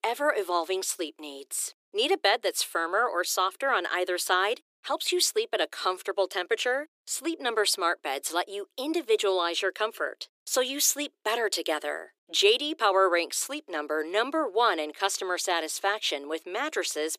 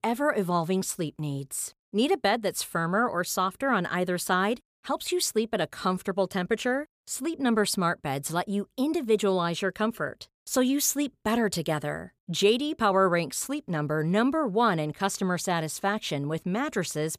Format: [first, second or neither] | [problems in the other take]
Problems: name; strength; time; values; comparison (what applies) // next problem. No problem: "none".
second | thin; very; fading below 300 Hz